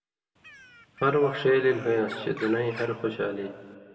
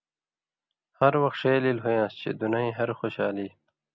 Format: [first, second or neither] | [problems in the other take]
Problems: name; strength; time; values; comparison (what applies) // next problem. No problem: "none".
second | background sound (Bird); 18 dB below the speech // room echo; dies away in 1.7 s